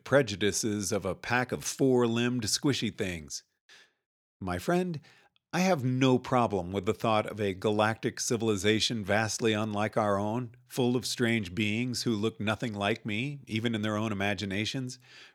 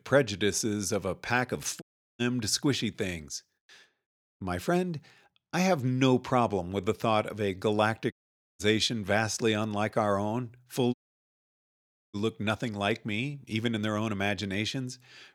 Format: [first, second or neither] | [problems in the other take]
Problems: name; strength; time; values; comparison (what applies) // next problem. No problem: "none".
first | audio cutting out; at 2 s, at 8 s and at 11 s for 1 s